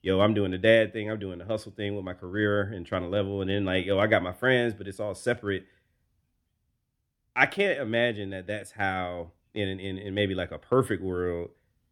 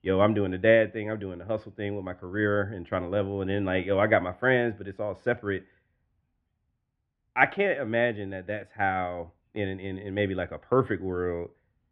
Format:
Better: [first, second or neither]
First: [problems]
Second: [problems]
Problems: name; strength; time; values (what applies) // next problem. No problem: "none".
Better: first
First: none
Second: muffled; very slightly; fading above 2 kHz